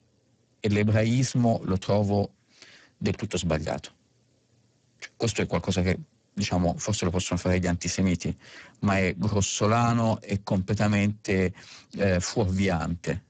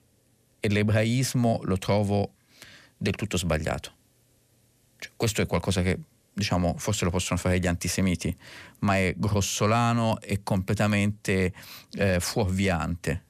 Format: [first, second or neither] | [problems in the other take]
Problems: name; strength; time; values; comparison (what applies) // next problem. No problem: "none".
second | garbled, watery; badly; nothing above 7.5 kHz